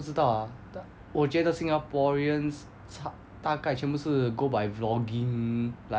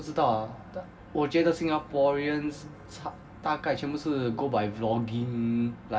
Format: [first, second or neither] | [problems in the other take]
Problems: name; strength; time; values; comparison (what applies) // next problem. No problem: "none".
first | room echo; dies away in 2.2 s